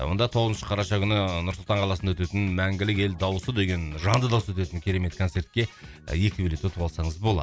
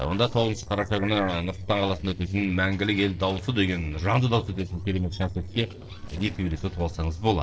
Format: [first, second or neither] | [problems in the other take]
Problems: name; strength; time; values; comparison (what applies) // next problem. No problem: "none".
first | noise reduction (neural separator model SepFormer DNS4)